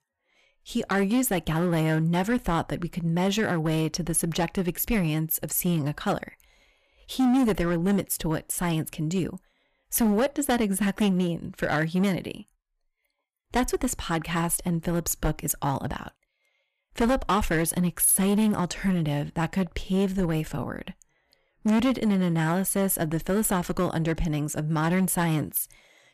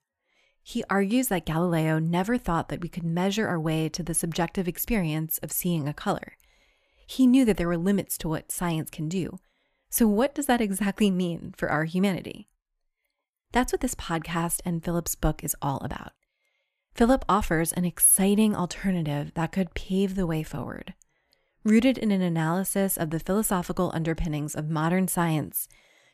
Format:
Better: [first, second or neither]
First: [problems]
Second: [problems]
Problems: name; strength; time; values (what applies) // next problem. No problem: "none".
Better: second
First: distortion; slight; 8% of the sound clipped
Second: none